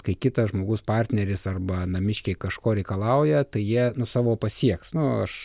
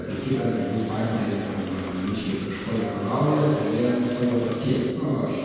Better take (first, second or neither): first